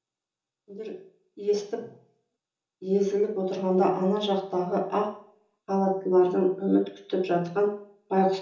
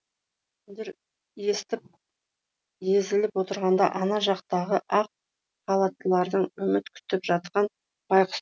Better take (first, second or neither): second